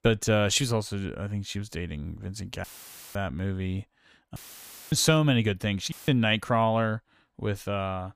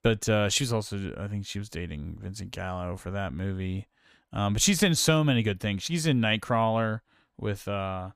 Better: second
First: audio cutting out; filled with static; at 2.5 s for 0.5 s, at 4.5 s for 0.5 s and at 6 s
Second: none

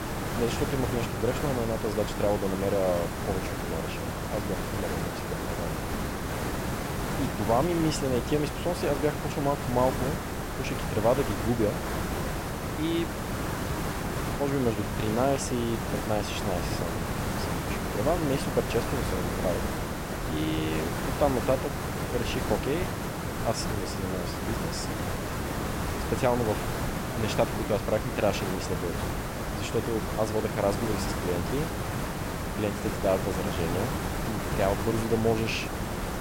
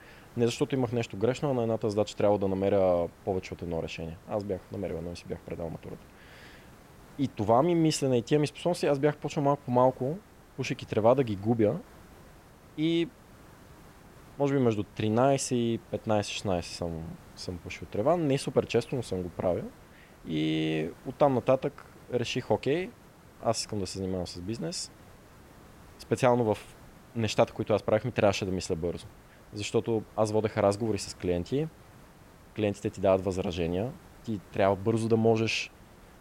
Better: second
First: hiss; loud; throughout; 1 dB below the speech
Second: hiss; faint; throughout; 25 dB below the speech

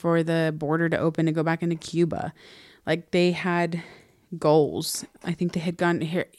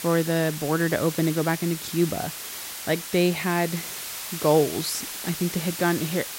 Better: first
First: none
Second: hiss; loud; throughout; 7 dB below the speech

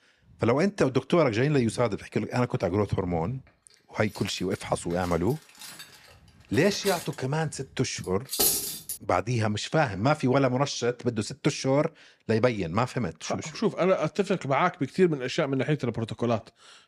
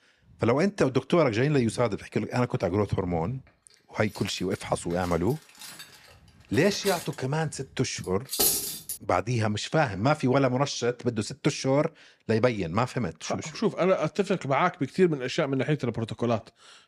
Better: neither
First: clattering dishes; loud; from 6.5 to 9 s; peak 4 dB above the speech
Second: clattering dishes; loud; from 6.5 to 9 s; peak 4 dB above the speech

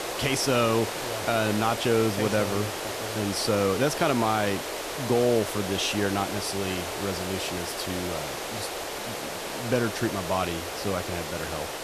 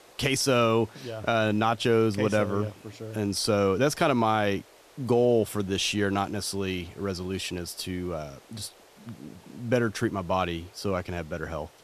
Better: second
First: hiss; loud; throughout; 4 dB below the speech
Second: hiss; faint; throughout; 25 dB below the speech

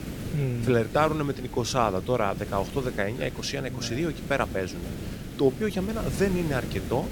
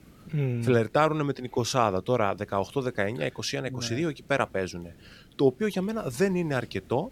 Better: second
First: hiss; loud; throughout; 9 dB below the speech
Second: hiss; faint; throughout; 25 dB below the speech

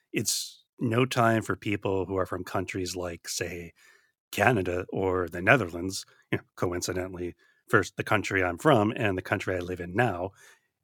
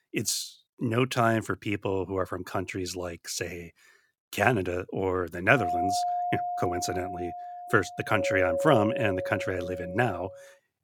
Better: first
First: none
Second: doorbell; loud; from 5.5 s on; peak 1 dB above the speech

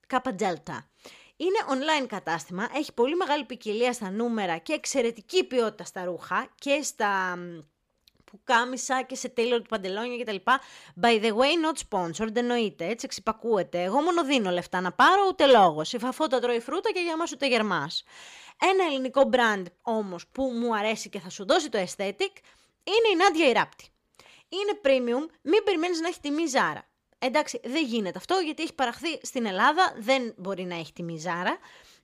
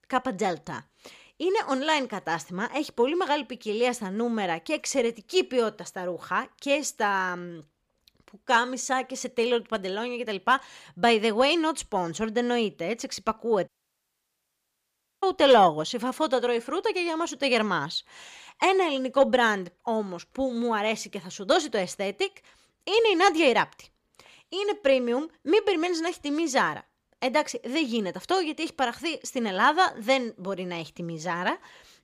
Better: first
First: none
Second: audio cutting out; at 14 s for 1.5 s

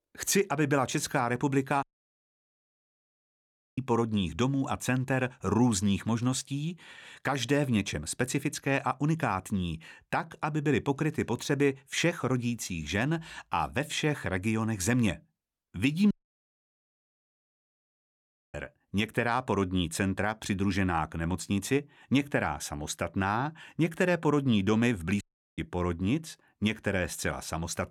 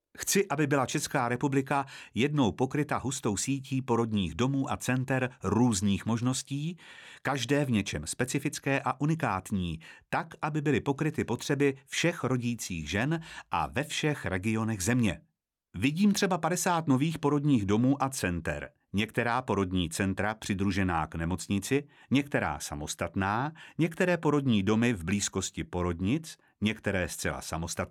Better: second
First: audio cutting out; at 2 s for 2 s, at 16 s for 2.5 s and at 25 s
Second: none

